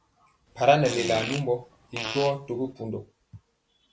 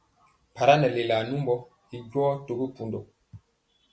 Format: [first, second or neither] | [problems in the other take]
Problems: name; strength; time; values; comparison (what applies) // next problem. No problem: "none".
second | background sound (Fart); 9 dB below the speech